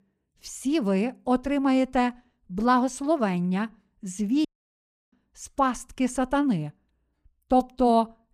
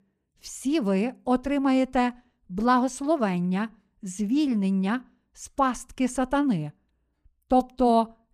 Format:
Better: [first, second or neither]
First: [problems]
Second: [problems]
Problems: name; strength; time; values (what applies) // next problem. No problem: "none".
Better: second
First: audio cutting out; at 4.5 s for 0.5 s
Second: none